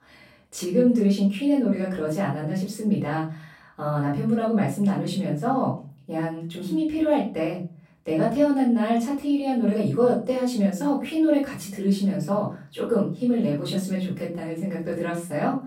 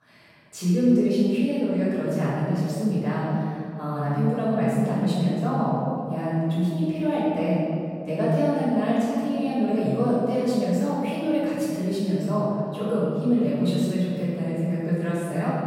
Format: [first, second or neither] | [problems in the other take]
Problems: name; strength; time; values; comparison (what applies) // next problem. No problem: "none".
first | room echo; strong; dies away in 2.6 s; slight in the first // off-mic speech; far; far in the first